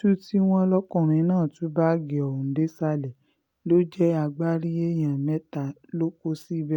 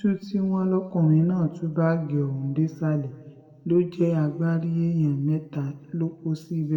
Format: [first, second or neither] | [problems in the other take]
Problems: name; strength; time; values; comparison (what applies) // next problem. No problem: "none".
first | room echo; dies away in 1.3 s